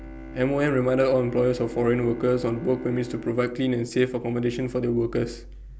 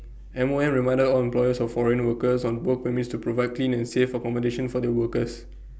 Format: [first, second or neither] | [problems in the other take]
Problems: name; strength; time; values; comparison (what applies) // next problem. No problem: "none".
second | background sound (Bowed string instrument); 17 dB below the speech